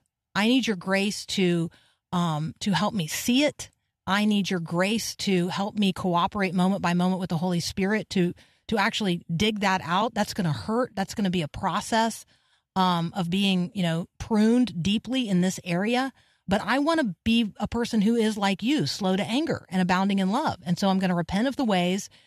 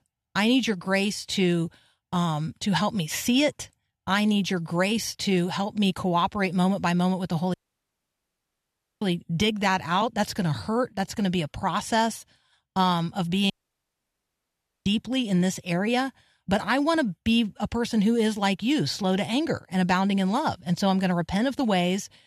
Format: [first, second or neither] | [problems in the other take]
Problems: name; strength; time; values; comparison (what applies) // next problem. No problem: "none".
first | audio cutting out; at 7.5 s for 1.5 s and at 14 s for 1.5 s